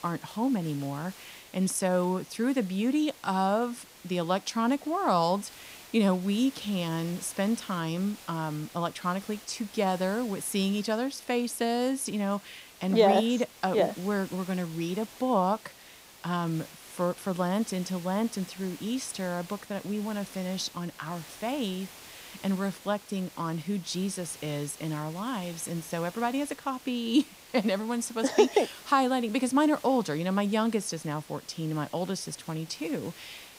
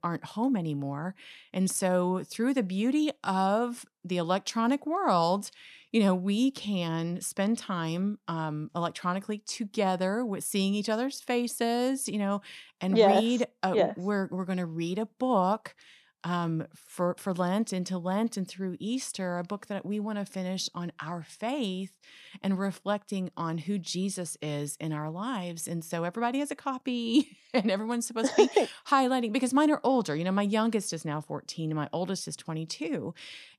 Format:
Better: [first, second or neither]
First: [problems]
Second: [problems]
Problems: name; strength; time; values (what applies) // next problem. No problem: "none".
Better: second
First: hiss; noticeable; throughout; 20 dB below the speech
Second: none